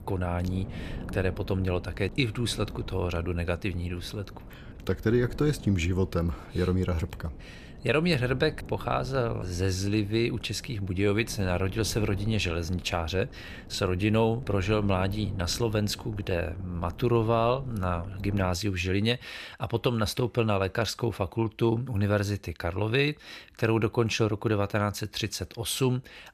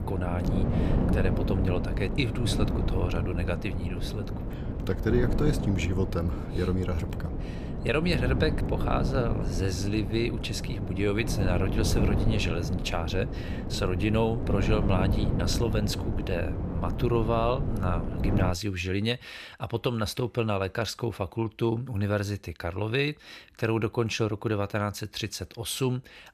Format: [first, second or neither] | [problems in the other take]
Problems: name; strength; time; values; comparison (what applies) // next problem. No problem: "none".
first | wind noise on the microphone; heavy; until 19 s; 6 dB below the speech; occasional gusts in the first